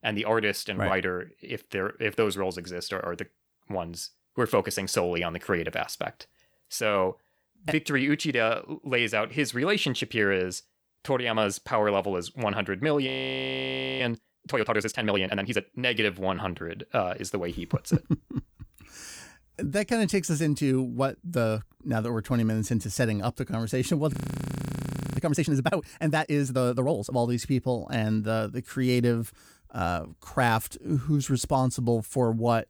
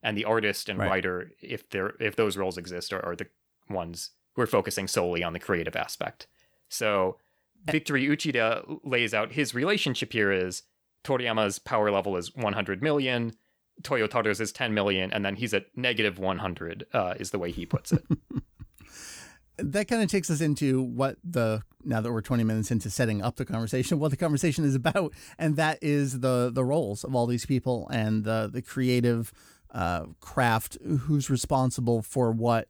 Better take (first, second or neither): second